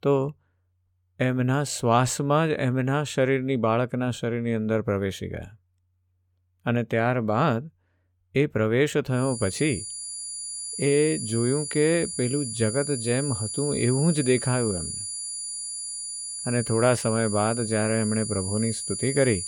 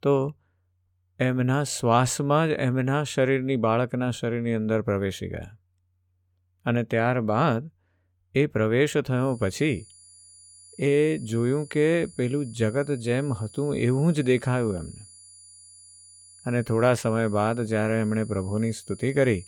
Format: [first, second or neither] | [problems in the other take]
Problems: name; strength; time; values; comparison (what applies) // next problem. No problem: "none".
second | high-pitched whine; loud; from 9 s on; 10 kHz, 6 dB below the speech; faint in the second